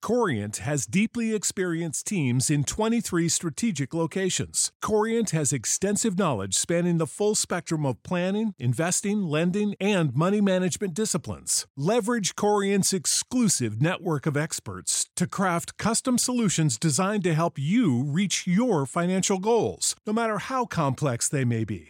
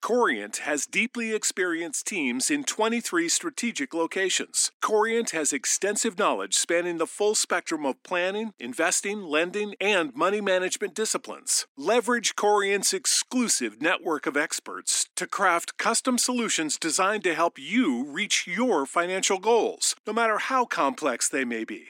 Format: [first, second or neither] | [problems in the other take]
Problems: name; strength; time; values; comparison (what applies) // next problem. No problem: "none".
first | thin; somewhat; fading below 250 Hz